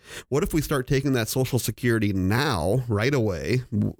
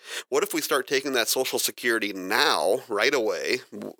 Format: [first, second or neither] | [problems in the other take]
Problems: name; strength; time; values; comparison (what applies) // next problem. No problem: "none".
first | thin; very; fading below 400 Hz